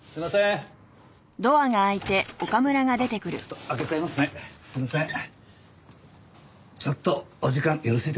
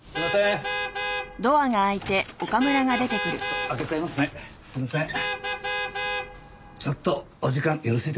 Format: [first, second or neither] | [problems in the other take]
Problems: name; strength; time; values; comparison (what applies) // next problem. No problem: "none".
first | background sound (Vehicle horn, car horn, honking); 6 dB below the speech